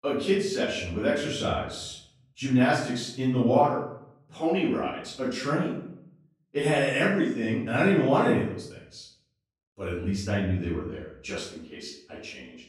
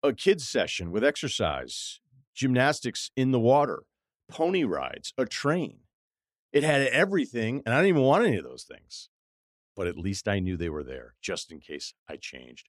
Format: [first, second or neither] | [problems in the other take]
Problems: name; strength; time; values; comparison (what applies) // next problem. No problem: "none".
second | off-mic speech; far // room echo; noticeable; dies away in 0.6 s